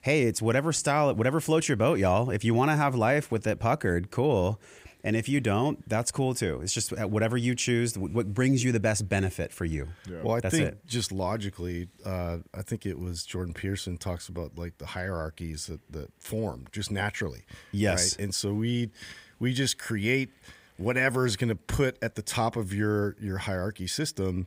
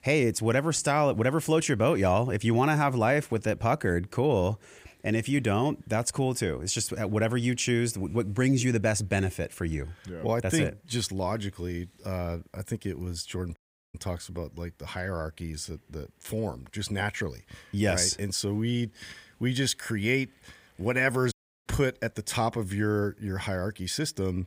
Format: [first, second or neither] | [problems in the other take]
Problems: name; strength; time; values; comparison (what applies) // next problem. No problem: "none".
first | audio cutting out; at 14 s and at 21 s